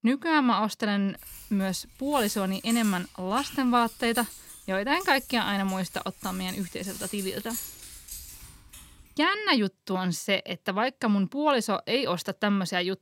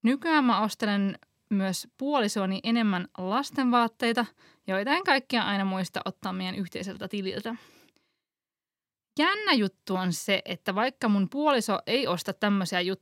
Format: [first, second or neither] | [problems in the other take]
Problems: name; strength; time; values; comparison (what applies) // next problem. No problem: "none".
second | jangling keys; noticeable; from 1 to 9 s; peak 8 dB below the speech